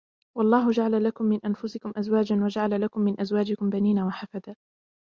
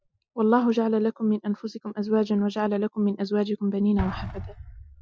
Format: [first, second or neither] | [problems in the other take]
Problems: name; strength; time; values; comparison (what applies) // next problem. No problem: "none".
first | noise reduction (classical method Wiener filter)